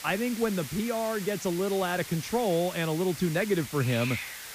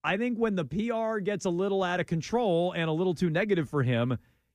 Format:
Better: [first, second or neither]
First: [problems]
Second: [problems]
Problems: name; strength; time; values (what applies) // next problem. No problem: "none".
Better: second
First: hiss; loud; throughout; 9 dB below the speech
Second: none